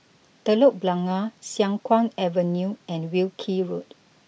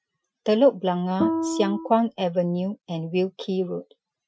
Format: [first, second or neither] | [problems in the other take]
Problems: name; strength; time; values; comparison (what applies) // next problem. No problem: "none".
first | noise reduction (classical method Wiener filter)